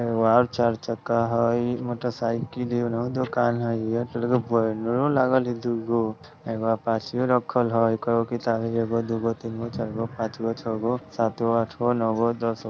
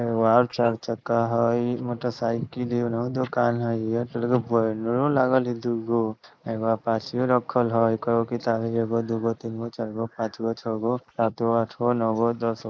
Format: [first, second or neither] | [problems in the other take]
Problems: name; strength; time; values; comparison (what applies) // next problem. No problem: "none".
first | noise reduction (neural mask model Resemble Enhance denoiser)